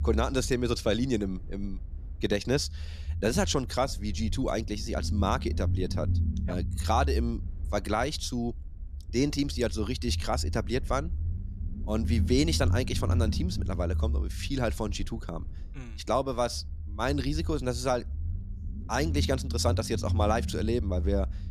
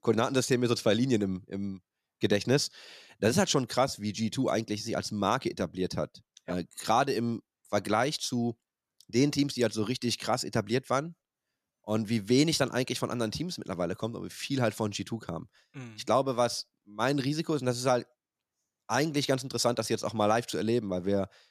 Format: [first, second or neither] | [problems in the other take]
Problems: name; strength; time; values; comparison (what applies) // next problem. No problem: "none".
second | low rumble; noticeable; throughout; 15 dB below the speech